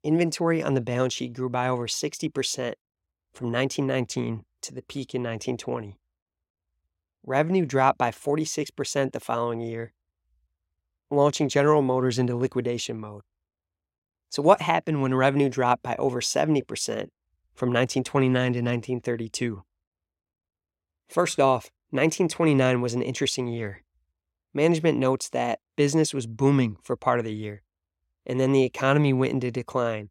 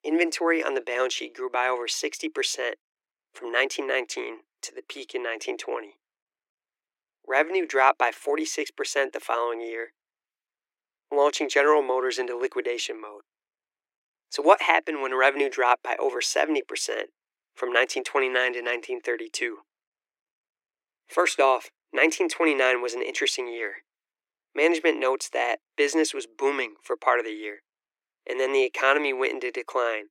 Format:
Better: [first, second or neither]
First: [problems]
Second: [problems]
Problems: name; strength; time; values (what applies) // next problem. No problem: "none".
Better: first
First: none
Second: thin; very; fading below 300 Hz